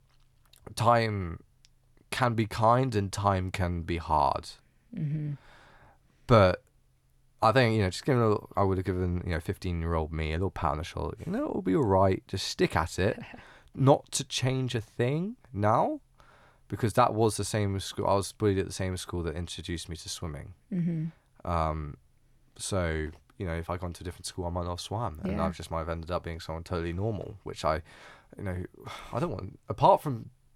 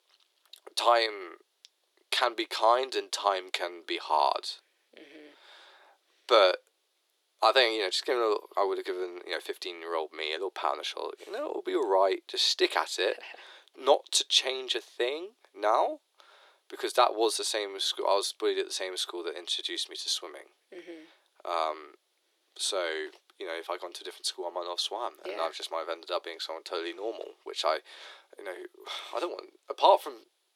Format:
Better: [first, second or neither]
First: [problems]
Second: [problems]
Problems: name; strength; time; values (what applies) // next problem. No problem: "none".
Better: first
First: none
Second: thin; very; fading below 350 Hz